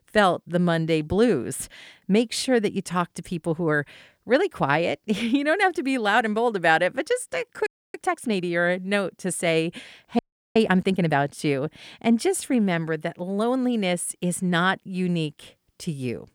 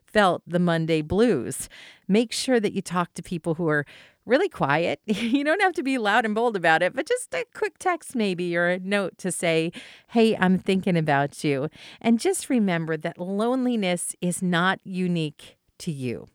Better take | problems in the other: second | audio freezing; at 7.5 s and at 10 s

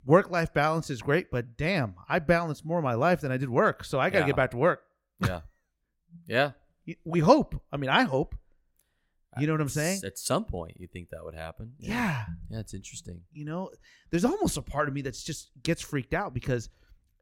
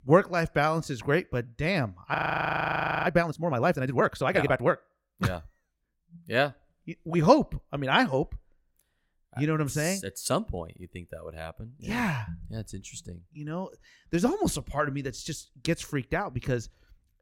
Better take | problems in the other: first | audio freezing; at 2 s for 1 s

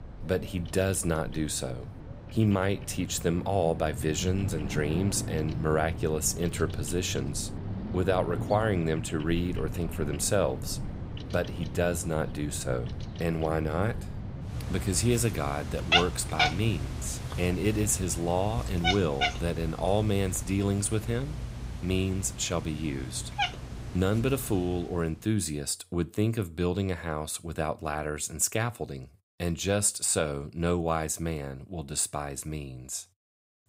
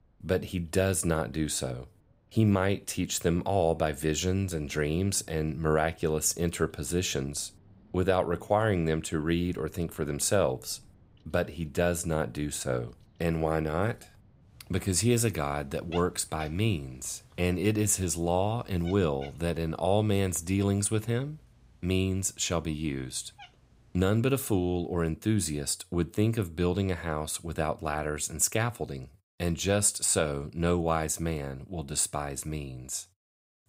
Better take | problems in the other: second | animal sounds; loud; until 25 s; 5 dB below the speech; faint in the second

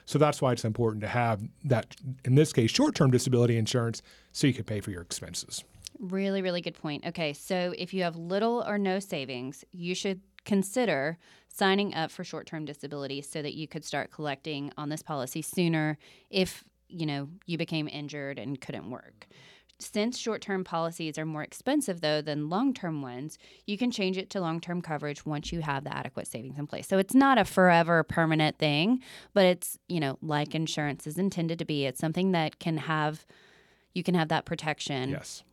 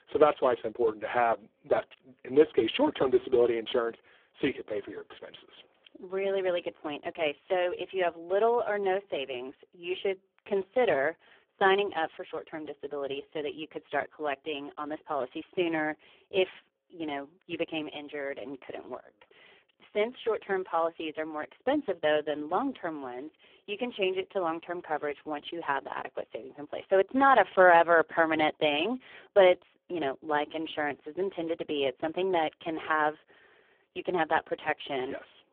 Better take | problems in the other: first | phone-call audio; poor line

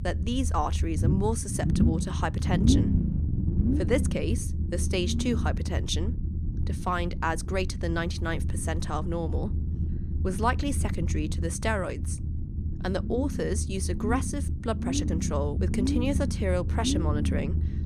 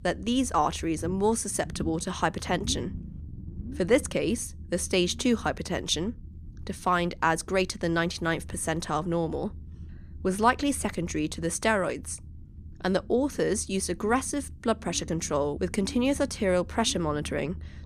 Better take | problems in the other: second | low rumble; loud; throughout; 7 dB below the speech; faint in the second

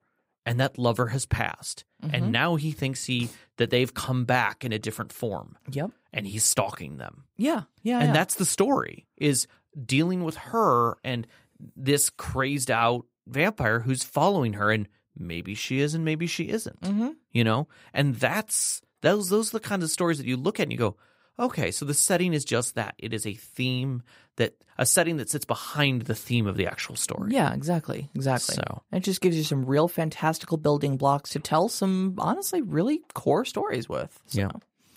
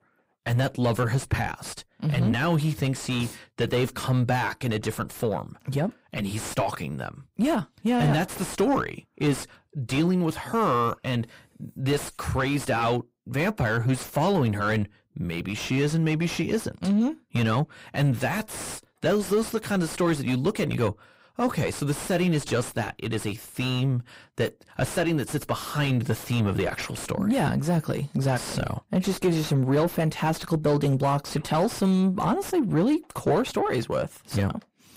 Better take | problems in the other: first | distortion; heavy; 5 dB below the speech

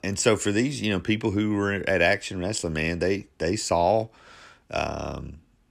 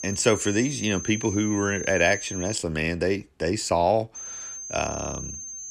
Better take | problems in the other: first | high-pitched whine; loud; until 2.5 s and from 4 s on; 6.5 kHz, 9 dB below the speech

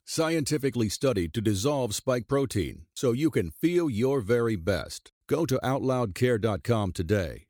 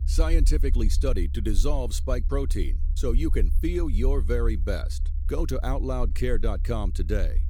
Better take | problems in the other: first | low rumble; noticeable; throughout; 15 dB below the speech

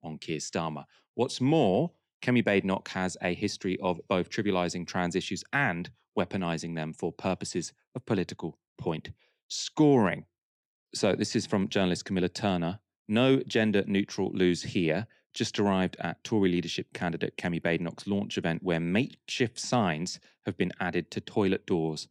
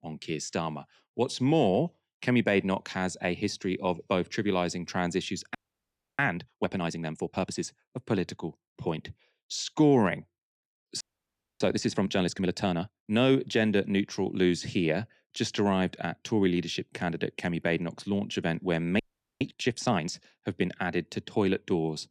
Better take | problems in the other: first | audio freezing; at 5.5 s for 0.5 s, at 11 s for 0.5 s and at 19 s

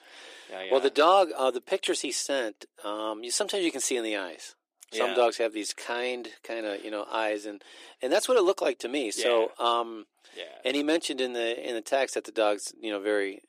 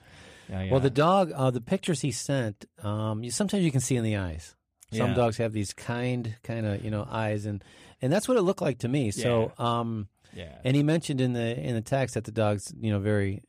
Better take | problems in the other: second | thin; very; fading below 350 Hz

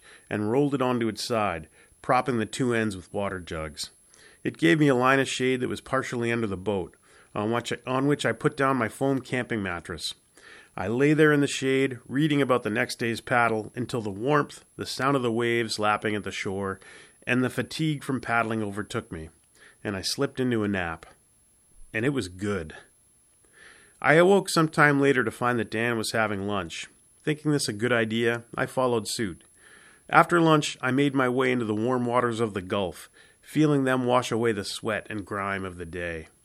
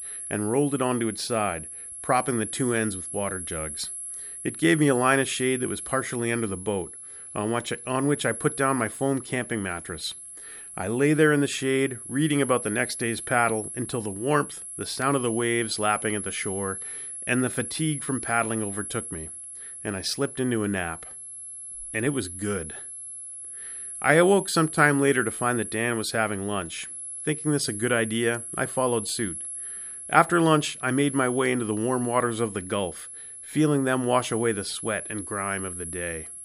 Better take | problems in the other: first | high-pitched whine; loud; throughout; 11 kHz, 8 dB below the speech; faint in the first

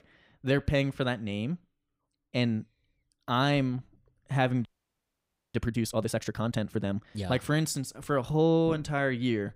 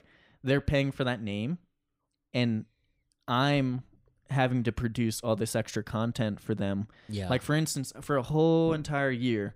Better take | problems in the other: second | audio freezing; at 4.5 s for 1 s

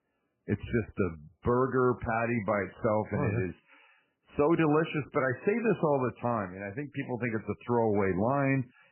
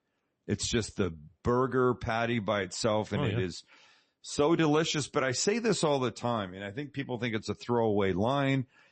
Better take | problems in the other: second | garbled, watery; badly; nothing above 2.5 kHz; slightly in the second

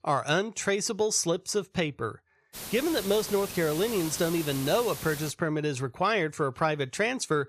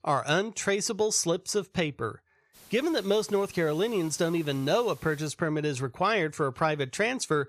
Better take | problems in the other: second | hiss; loud; from 2.5 to 5.5 s; 9 dB below the speech; faint in the second

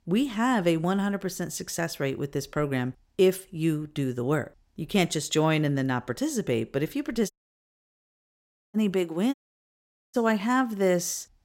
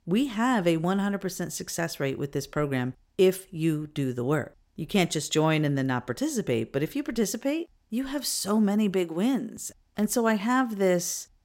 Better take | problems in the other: second | audio cutting out; at 7.5 s for 1.5 s and at 9.5 s for 1 s

